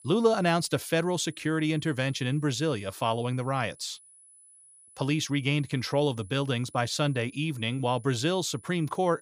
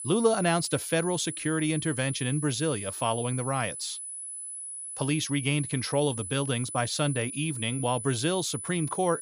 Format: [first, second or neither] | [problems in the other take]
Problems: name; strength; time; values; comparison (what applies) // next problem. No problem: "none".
first | high-pitched whine; loud; throughout; 10 kHz, 7 dB below the speech; faint in the first